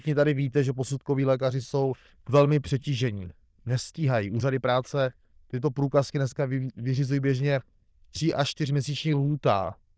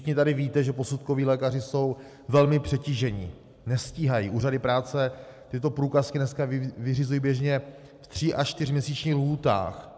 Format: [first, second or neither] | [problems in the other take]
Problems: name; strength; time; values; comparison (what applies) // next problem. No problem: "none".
second | noise reduction (neural diffusion model UNIVERSE++)